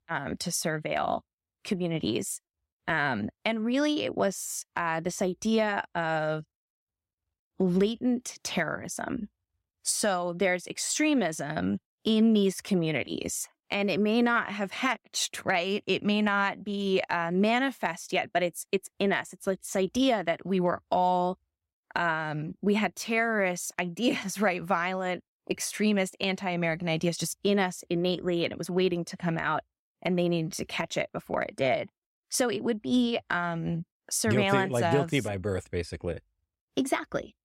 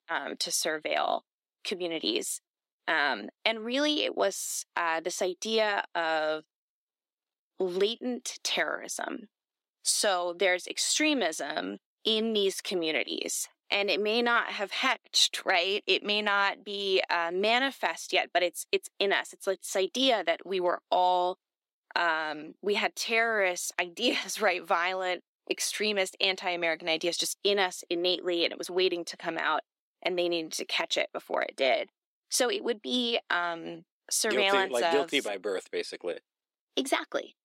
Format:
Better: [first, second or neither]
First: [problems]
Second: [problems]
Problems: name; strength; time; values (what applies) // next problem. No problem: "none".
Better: first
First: none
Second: thin; somewhat; fading below 300 Hz